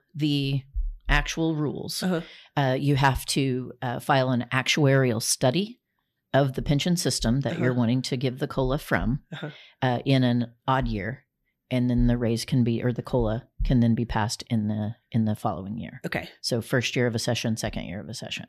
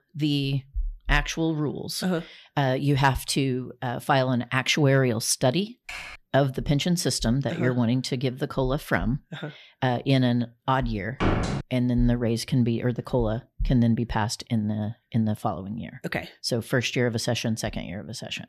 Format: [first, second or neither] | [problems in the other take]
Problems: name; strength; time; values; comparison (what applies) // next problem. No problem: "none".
first | keyboard typing; faint; at 6 s; peak 10 dB below the speech // door banging; loud; at 11 s; peak level with the speech